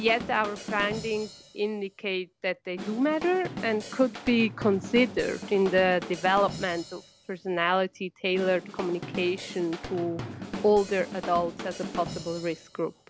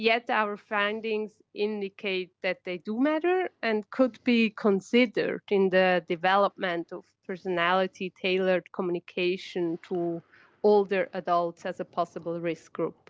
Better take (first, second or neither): second